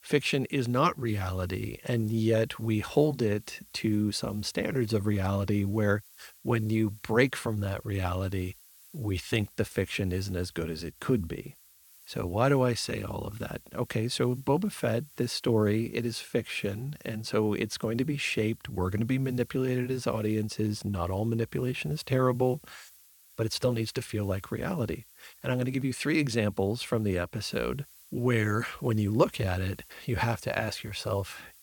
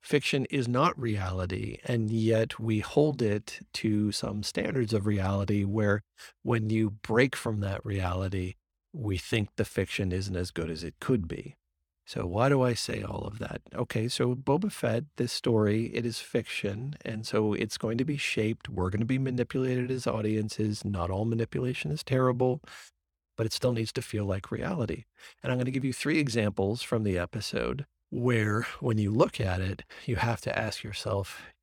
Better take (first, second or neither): second